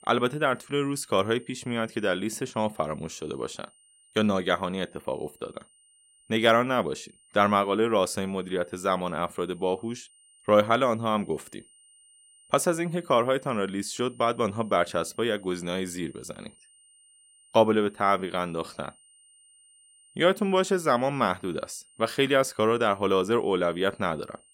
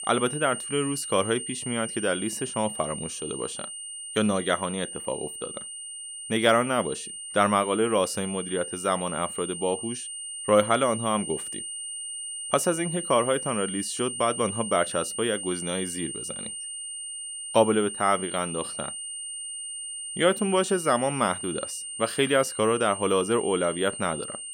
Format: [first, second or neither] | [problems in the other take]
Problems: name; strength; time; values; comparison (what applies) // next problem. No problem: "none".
first | high-pitched whine; loud; throughout; 9 kHz, 7 dB below the speech; faint in the first